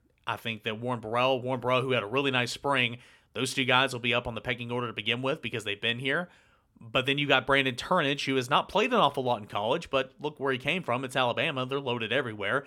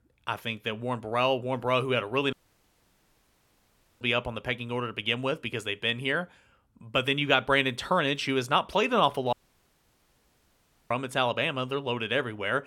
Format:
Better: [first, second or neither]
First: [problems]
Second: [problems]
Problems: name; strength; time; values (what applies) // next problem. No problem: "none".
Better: first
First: none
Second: audio cutting out; at 2.5 s for 1.5 s and at 9.5 s for 1.5 s